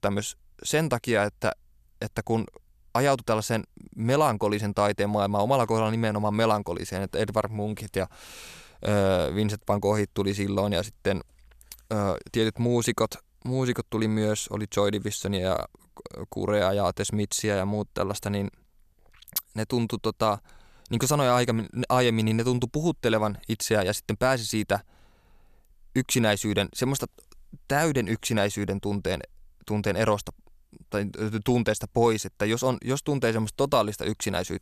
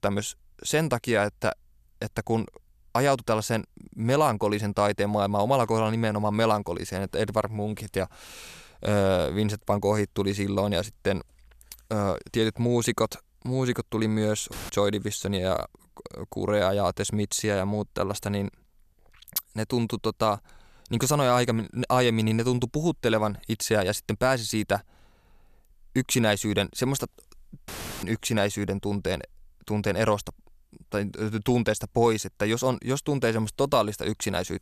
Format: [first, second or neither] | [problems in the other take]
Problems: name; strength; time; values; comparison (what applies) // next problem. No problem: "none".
first | audio cutting out; filled with static; at 15 s and at 28 s